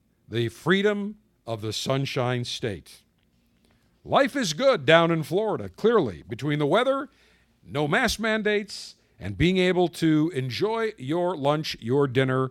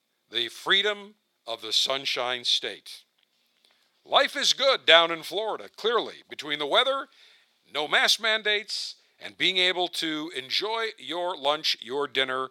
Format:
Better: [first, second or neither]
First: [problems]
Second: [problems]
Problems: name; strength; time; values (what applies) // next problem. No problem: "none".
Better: first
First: none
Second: thin; very; fading below 600 Hz